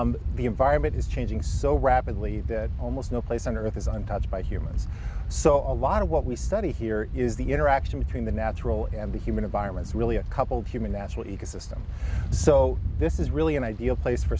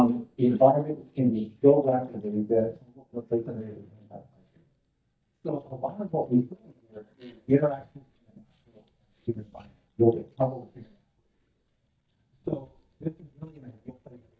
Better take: first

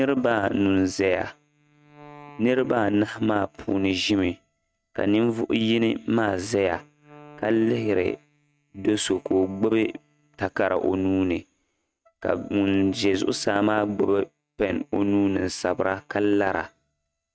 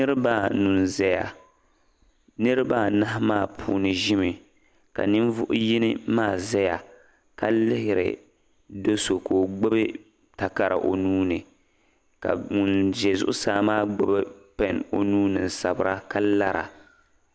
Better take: second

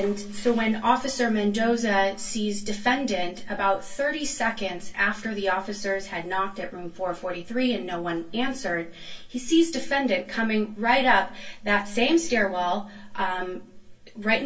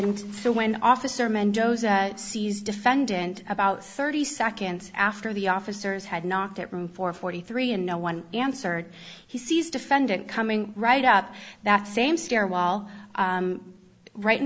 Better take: second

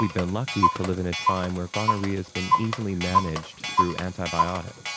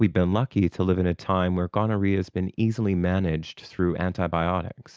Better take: second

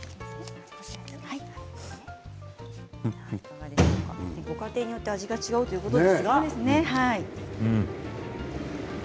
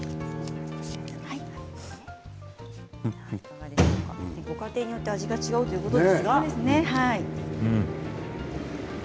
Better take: first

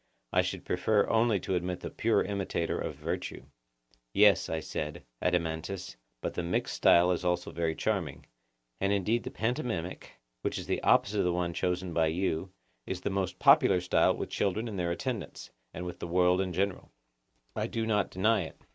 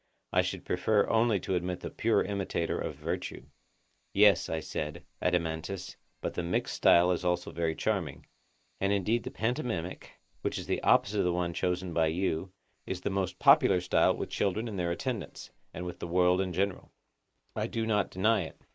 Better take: first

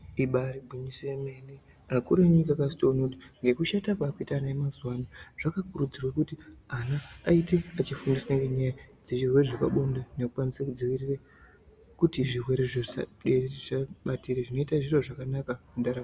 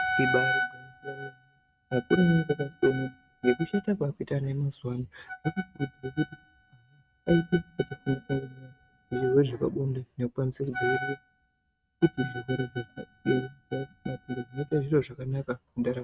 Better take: first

